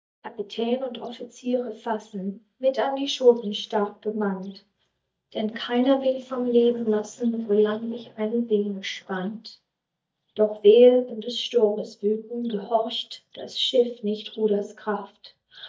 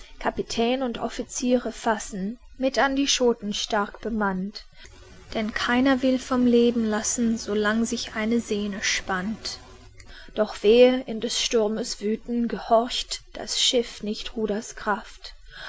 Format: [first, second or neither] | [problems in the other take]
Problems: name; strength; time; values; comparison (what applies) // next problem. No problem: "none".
second | noise reduction (neural mask model DeepFilterNet 3)